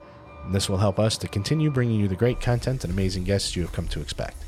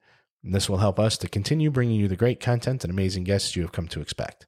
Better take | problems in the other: second | traffic noise; noticeable; throughout; 15 dB below the speech

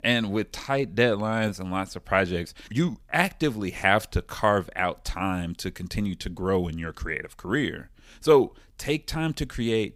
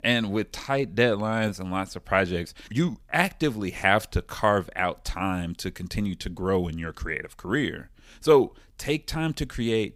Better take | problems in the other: neither | none

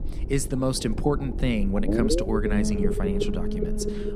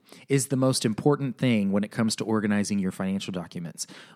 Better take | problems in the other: second | low rumble; loud; throughout; 1 dB below the speech

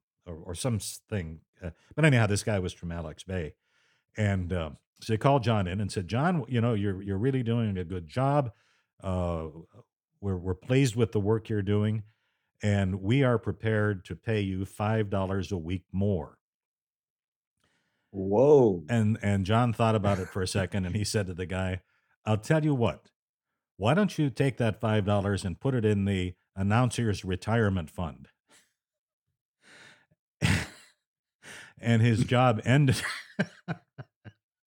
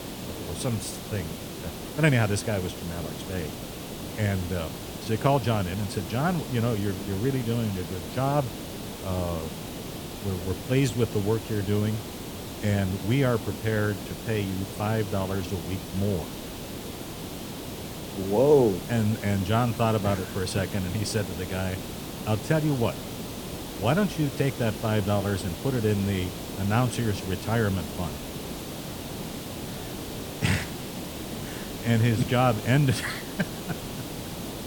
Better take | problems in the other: first | hiss; loud; throughout; 8 dB below the speech

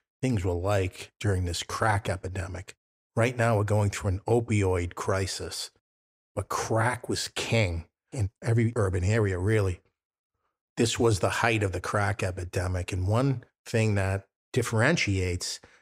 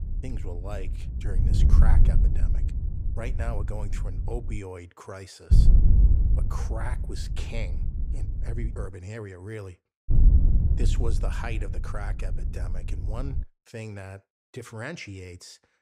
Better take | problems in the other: first | wind noise on the microphone; heavy; until 4.5 s, from 5.5 to 9 s and from 10 to 13 s; 4 dB below the speech

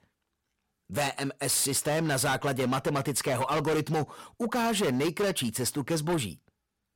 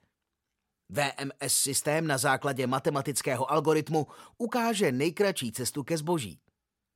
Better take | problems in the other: second | distortion; heavy; 16% of the sound clipped

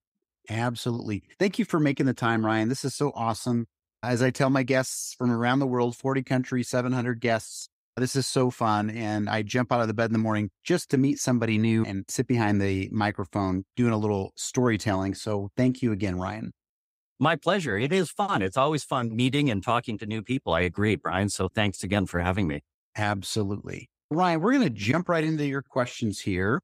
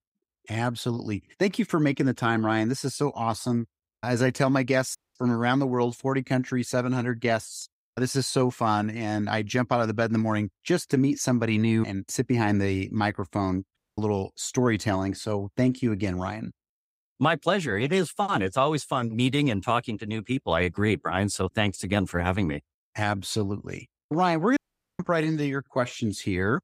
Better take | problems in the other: first | audio cutting out; at 5 s, at 14 s and at 25 s

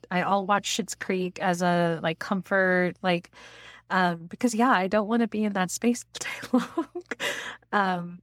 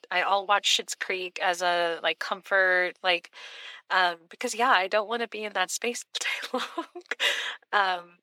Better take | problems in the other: first | thin; very; fading below 400 Hz

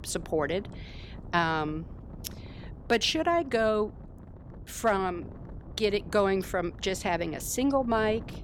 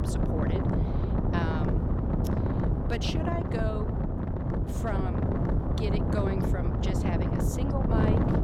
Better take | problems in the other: first | wind noise on the microphone; heavy; 2 dB above the speech; occasional gusts in the first

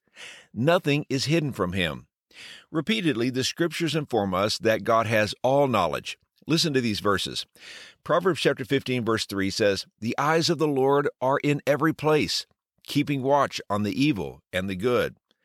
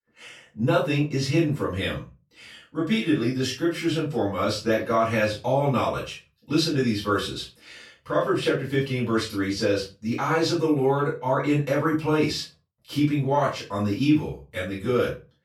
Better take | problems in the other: first | off-mic speech; far // room echo; slight; dies away in 0.3 s

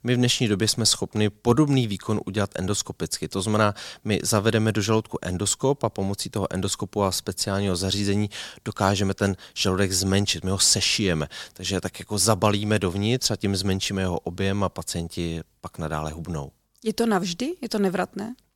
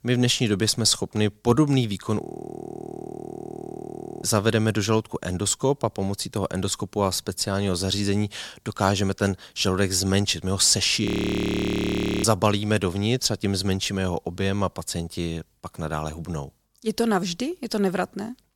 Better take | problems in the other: first | audio freezing; at 2 s for 2 s and at 11 s for 1 s

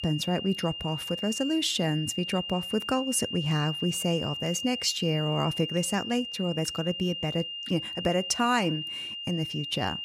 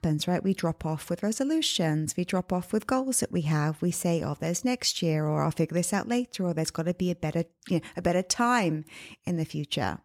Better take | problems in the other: second | high-pitched whine; loud; throughout; 3 kHz, 5 dB below the speech

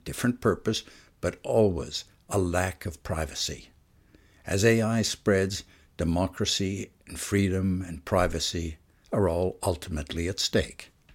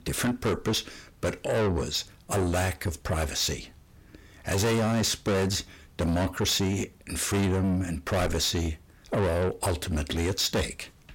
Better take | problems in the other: first | distortion; heavy; 6 dB below the speech

